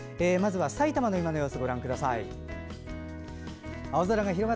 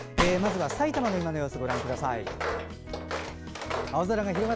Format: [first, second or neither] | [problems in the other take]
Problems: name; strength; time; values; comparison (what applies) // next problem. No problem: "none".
first | background sound (Gunshot, gunfire + Walk, footsteps); 4 dB below the speech